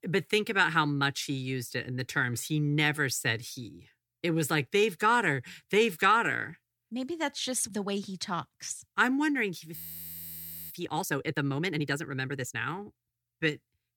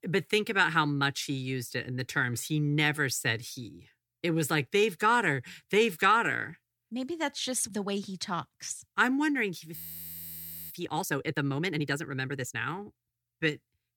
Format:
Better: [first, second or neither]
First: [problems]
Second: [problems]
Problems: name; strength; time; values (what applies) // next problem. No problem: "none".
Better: neither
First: audio freezing; at 10 s for 1 s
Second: audio freezing; at 10 s for 1 s